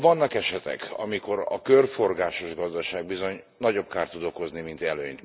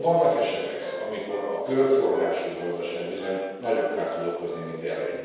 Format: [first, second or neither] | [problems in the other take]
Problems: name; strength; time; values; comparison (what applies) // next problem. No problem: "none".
first | background sound (Wind instrument, woodwind instrument); 15 dB below the speech // room echo; dies away in 1.2 s